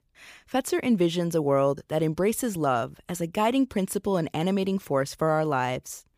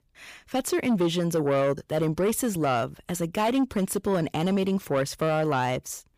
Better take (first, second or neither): first